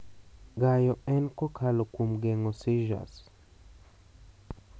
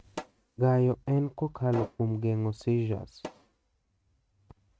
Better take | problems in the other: first | noise reduction (neural mask model RNNoise)

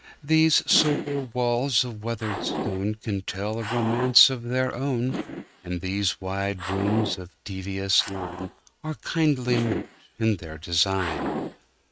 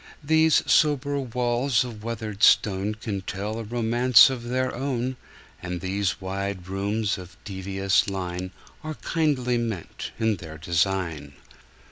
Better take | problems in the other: second | noise reduction (neural mask model RNNoise)

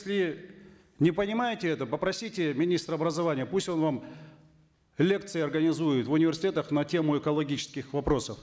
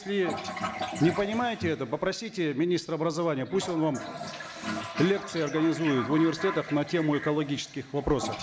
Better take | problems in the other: first | background sound (Toilet flush); 9 dB below the speech

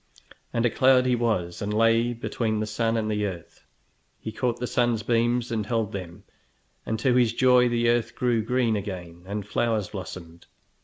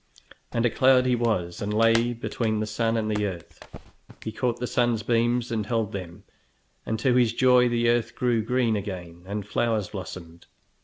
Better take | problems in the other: first | background sound (Clapping); 16 dB below the speech

